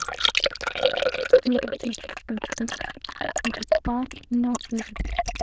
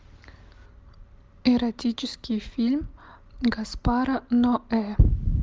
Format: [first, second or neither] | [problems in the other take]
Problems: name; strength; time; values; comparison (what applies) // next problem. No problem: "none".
second | noise reduction (neural diffusion model UNIVERSE++)